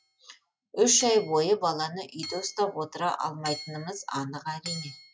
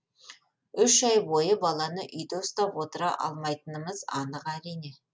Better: second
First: noise reduction (classical method log-MMSE)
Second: none

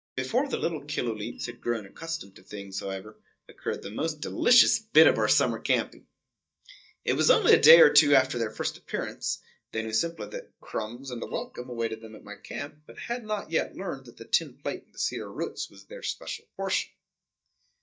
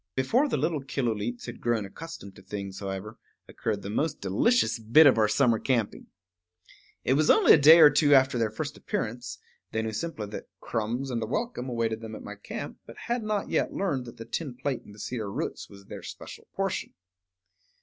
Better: second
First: noise reduction (neural mask model DeepFilterNet 3)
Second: none

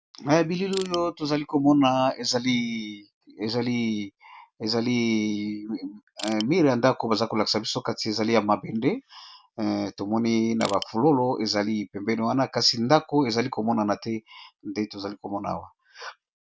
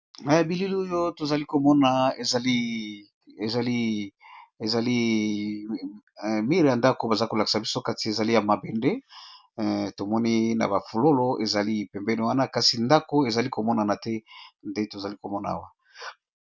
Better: second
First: background sound (Crushing); 13 dB below the speech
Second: none

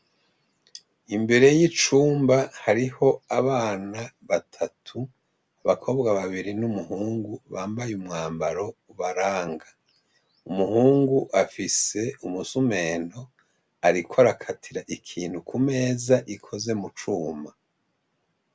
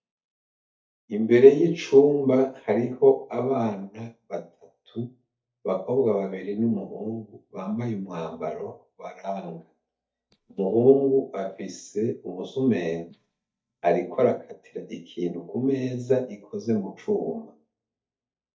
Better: first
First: none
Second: noise reduction (neural mask model DeepFilterNet 3)

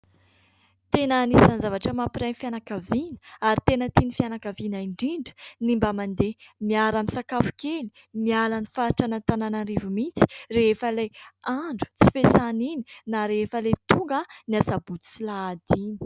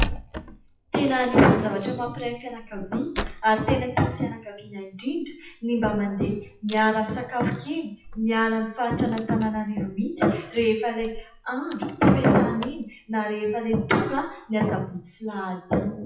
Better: first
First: none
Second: noise reduction (classical method WPE with log-MMSE)

